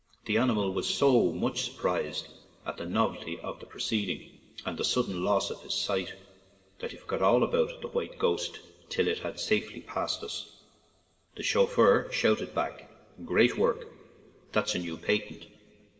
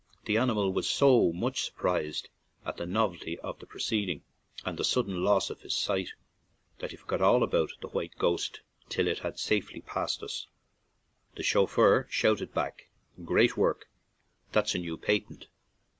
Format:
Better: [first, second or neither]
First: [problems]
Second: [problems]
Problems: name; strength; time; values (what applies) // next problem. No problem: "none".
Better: second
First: room echo; dies away in 2.2 s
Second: none